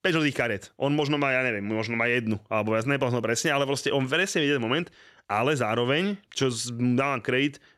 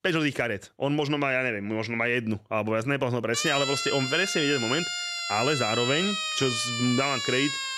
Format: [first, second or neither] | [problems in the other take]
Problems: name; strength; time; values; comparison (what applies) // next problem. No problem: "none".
first | siren; noticeable; from 3.5 s on; peak level with the speech